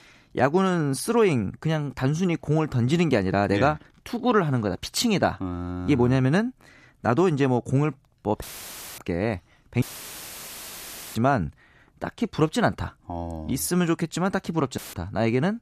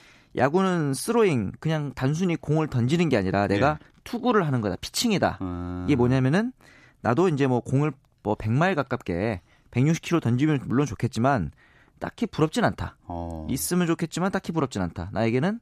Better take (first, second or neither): second